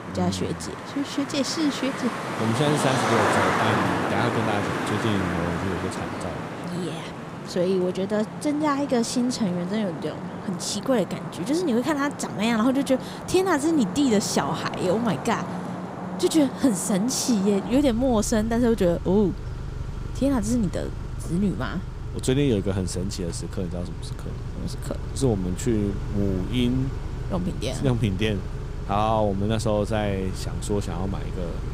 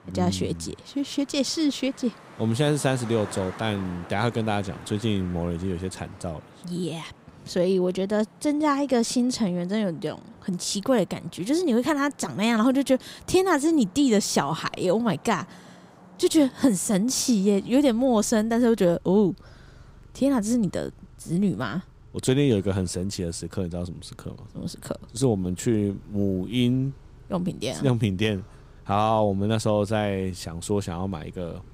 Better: second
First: traffic noise; loud; throughout; 6 dB below the speech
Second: traffic noise; faint; throughout; 25 dB below the speech

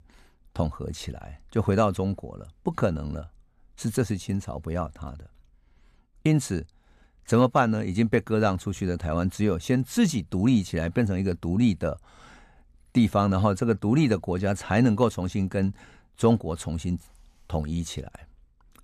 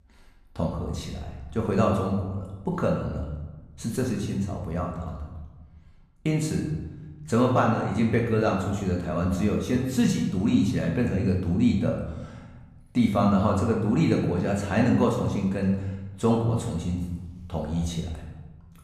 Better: first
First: none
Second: room echo; noticeable; dies away in 0.9 s // off-mic speech; somewhat distant

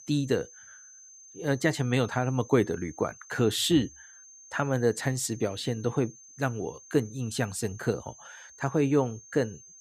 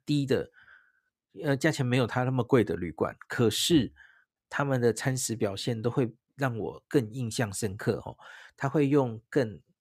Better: second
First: high-pitched whine; noticeable; throughout; 6.5 kHz, 20 dB below the speech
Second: none

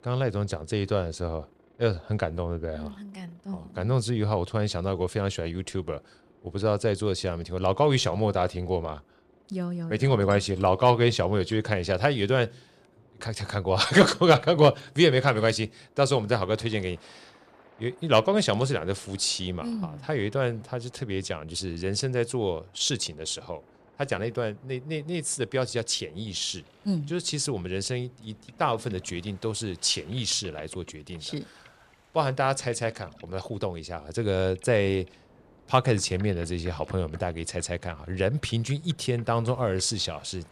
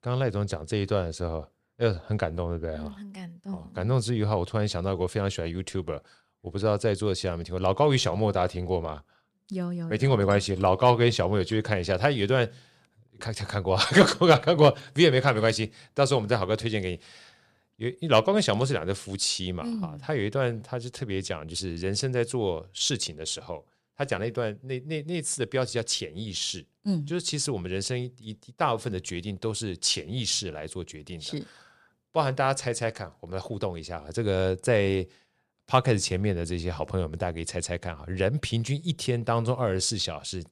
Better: second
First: train or aircraft noise; faint; throughout; 30 dB below the speech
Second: none

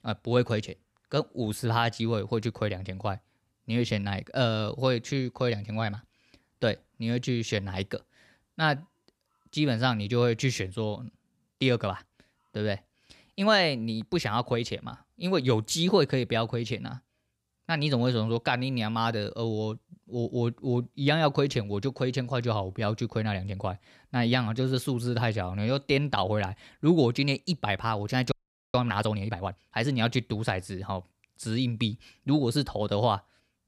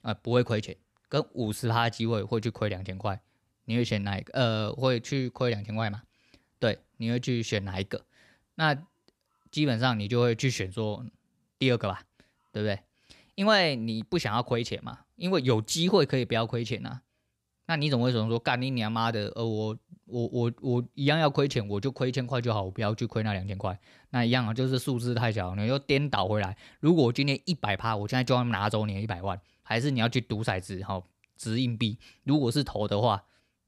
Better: second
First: audio freezing; at 28 s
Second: none

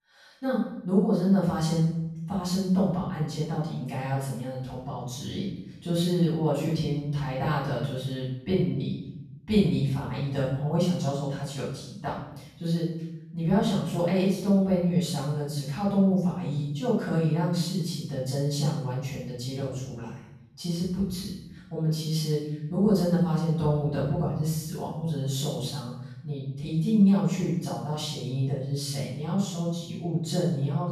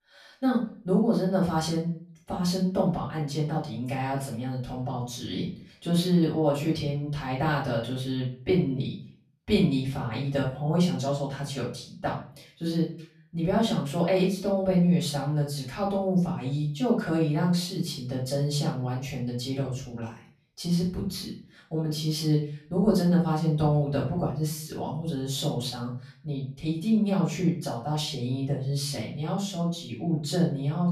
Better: second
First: room echo; strong; dies away in 0.8 s // off-mic speech; far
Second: room echo; slight; dies away in 0.4 s // off-mic speech; far

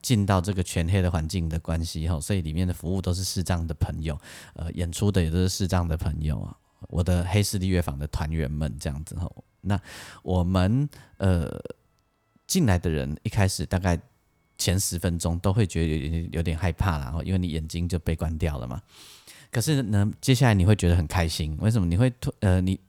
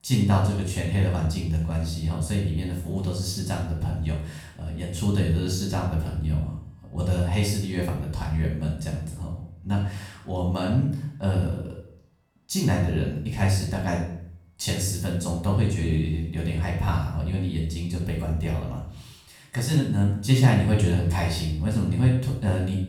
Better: first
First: none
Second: off-mic speech; far // room echo; noticeable; dies away in 0.6 s

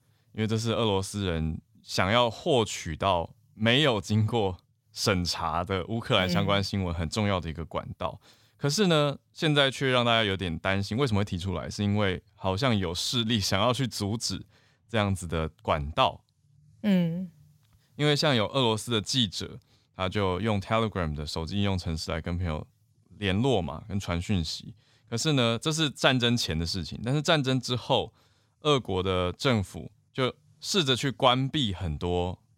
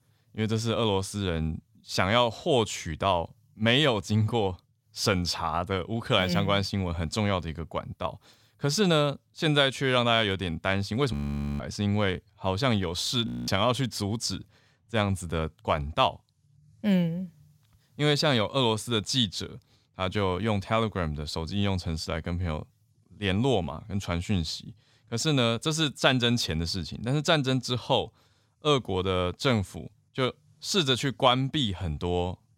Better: first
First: none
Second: audio freezing; at 11 s and at 13 s

